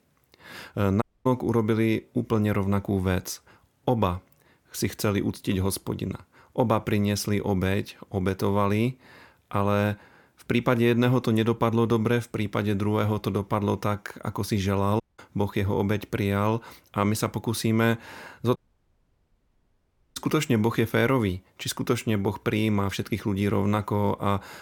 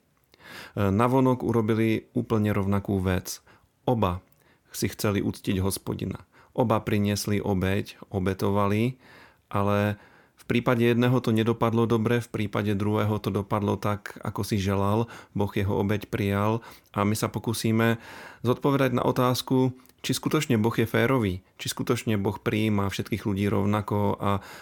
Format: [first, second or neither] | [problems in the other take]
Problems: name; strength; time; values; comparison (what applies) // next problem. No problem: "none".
second | audio cutting out; at 1 s, at 15 s and at 19 s for 1.5 s